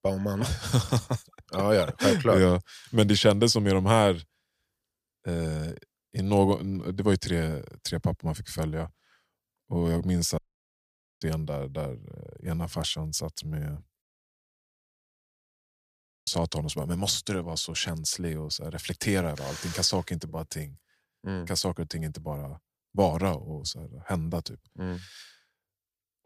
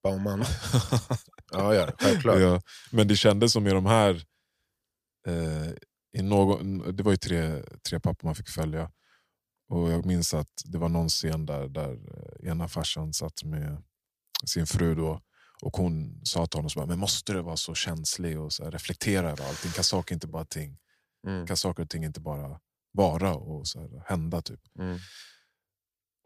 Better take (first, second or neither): second